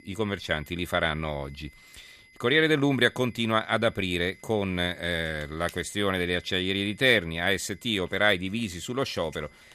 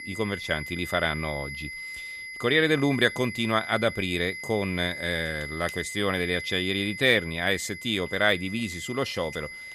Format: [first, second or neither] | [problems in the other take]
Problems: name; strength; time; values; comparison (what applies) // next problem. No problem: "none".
first | high-pitched whine; loud; throughout; 2 kHz, 9 dB below the speech; faint in the first